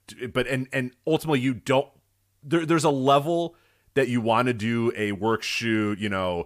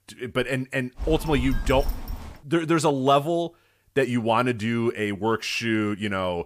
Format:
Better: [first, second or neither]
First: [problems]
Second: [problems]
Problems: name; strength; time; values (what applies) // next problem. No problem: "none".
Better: first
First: none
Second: phone ringing; noticeable; from 1 to 2.5 s; peak 7 dB below the speech